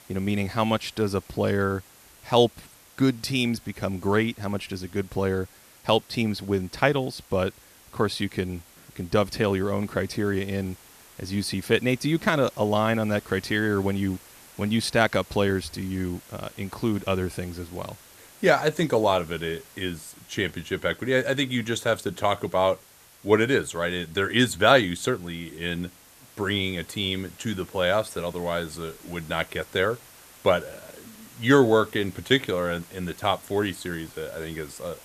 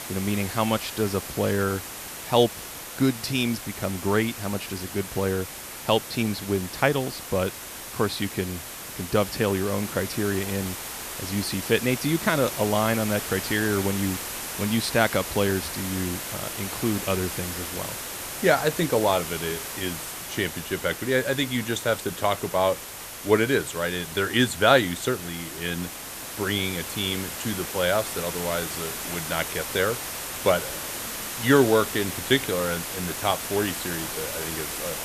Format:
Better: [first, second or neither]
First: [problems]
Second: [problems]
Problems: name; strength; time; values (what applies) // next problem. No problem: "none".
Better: first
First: hiss; faint; throughout; 25 dB below the speech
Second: hiss; loud; throughout; 7 dB below the speech